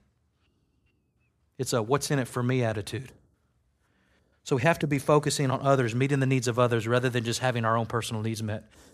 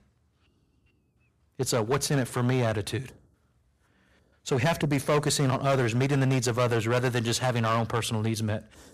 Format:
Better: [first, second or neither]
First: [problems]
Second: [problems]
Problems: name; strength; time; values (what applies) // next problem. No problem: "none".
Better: first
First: none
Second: distortion; heavy; 7% of the sound clipped